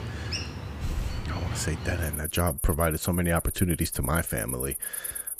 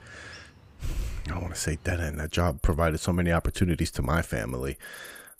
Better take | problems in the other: second | animal sounds; loud; throughout; 4 dB below the speech; faint in the second

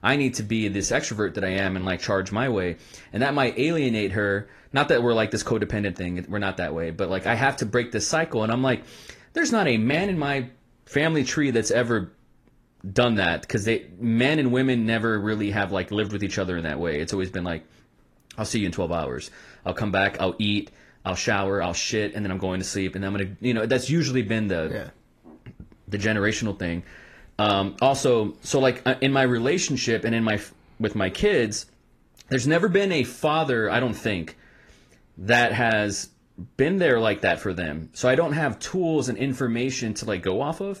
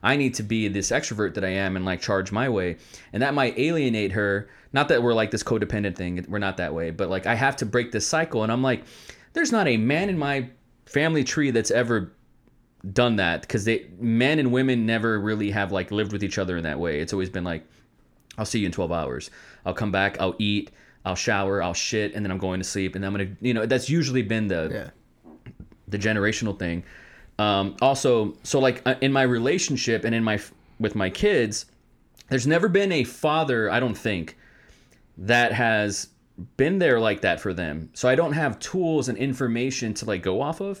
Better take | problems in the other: second | garbled, watery; slightly

